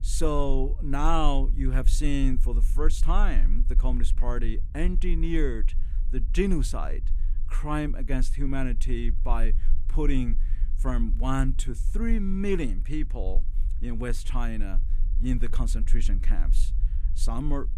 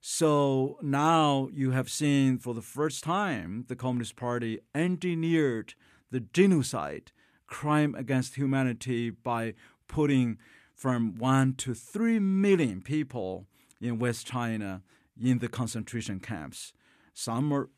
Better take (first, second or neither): second